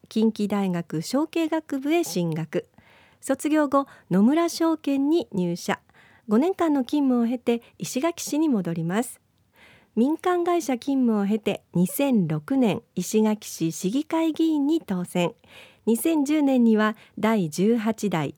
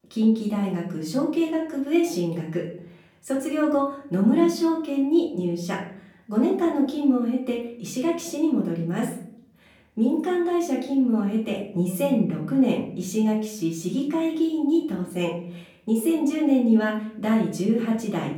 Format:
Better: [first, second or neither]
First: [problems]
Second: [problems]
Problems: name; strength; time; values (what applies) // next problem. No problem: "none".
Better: first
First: none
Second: room echo; slight; dies away in 0.5 s // off-mic speech; far